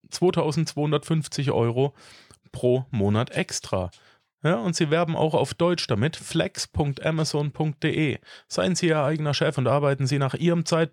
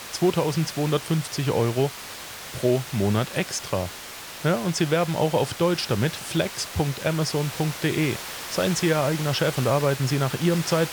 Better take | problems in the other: first | hiss; loud; throughout; 10 dB below the speech

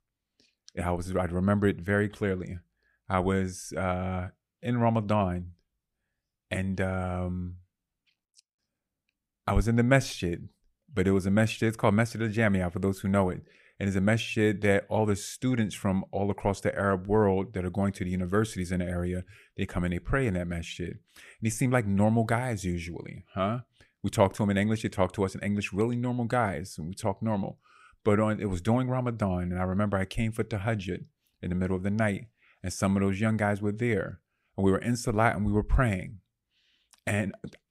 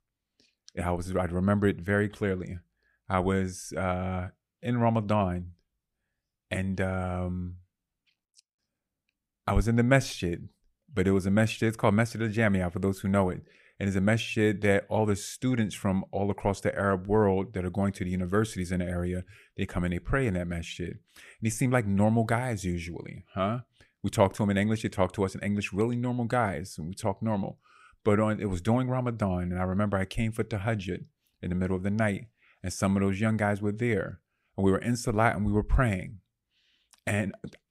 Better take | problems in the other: neither | none

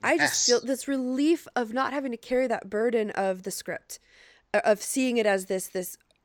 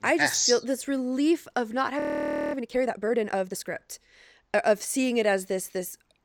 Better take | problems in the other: first | audio freezing; at 2 s for 0.5 s

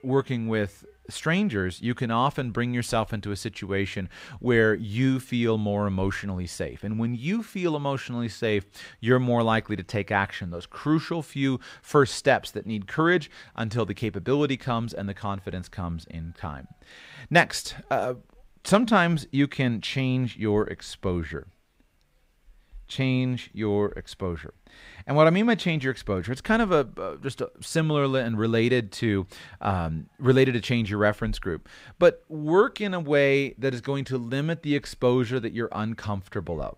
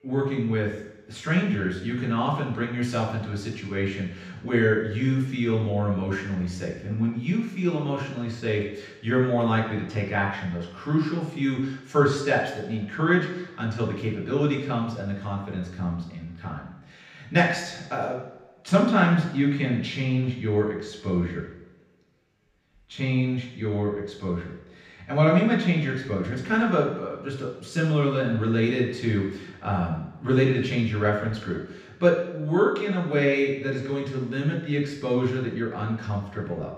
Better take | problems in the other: first | room echo; noticeable; dies away in 0.9 s // off-mic speech; far

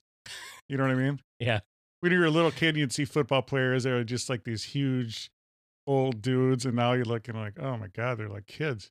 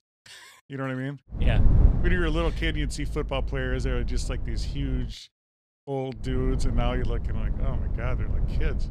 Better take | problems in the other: first | low rumble; loud; from 1.5 to 5 s and from 6 s on; 10 dB below the speech

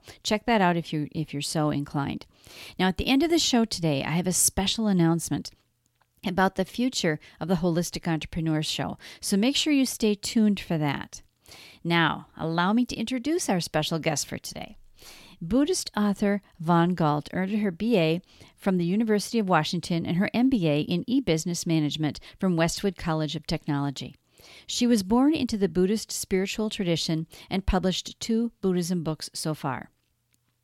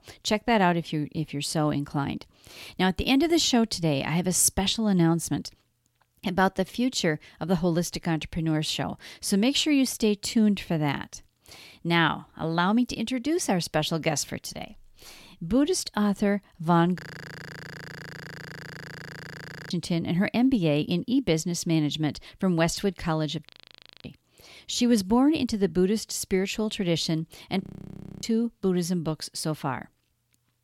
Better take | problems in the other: first | audio freezing; at 17 s for 2.5 s, at 23 s for 0.5 s and at 28 s for 0.5 s

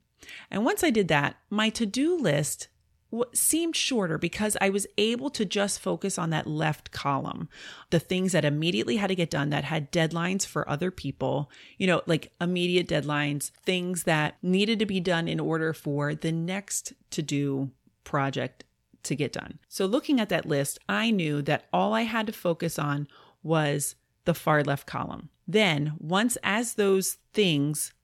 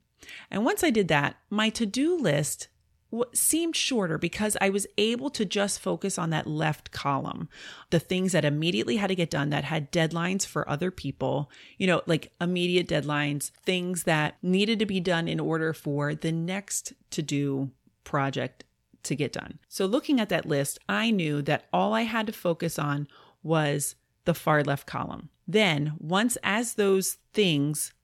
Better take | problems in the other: neither | none

